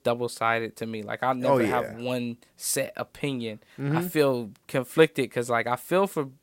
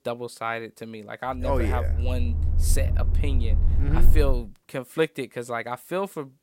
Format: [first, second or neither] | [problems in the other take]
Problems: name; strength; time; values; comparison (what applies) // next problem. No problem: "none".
first | low rumble; noticeable; from 1.5 to 4.5 s; 15 dB below the speech